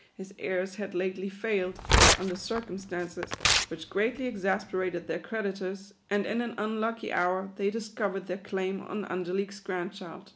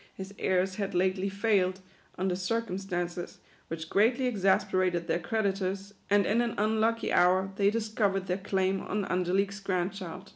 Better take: second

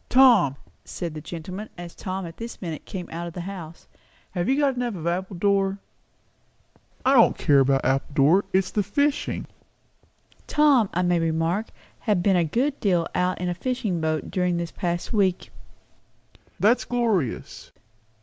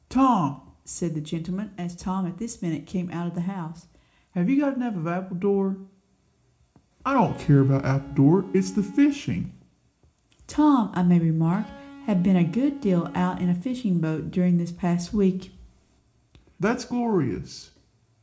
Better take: first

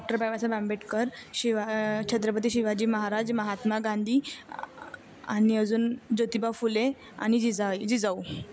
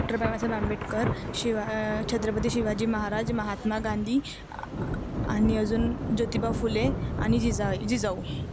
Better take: first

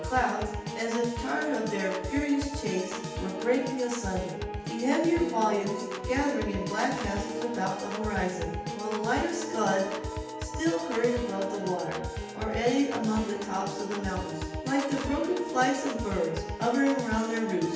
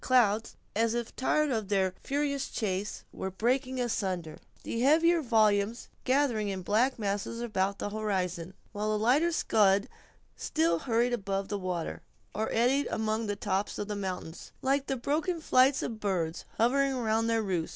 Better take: second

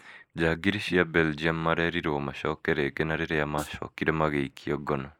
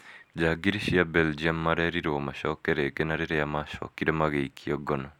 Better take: second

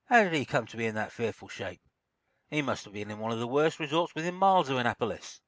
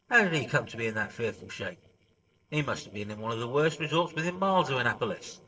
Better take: first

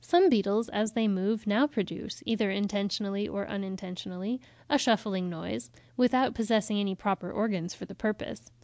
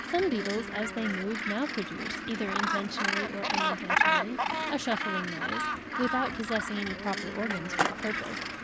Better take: first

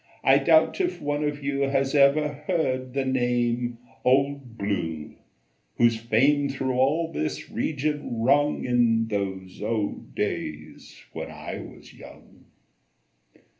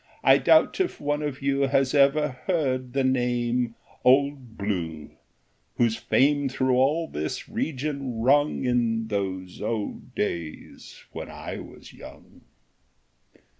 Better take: second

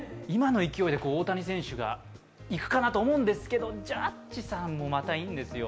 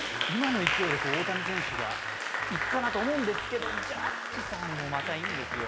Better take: first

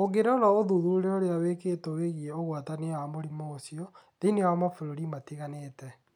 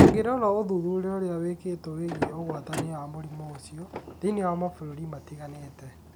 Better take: first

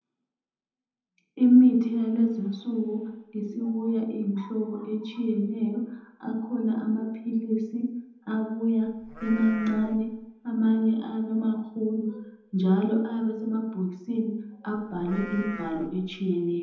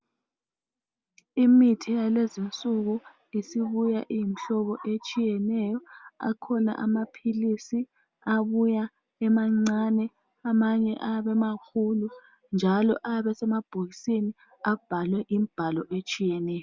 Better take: second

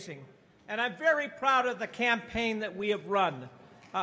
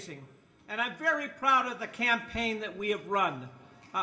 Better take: first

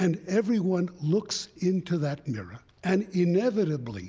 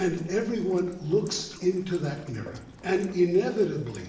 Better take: first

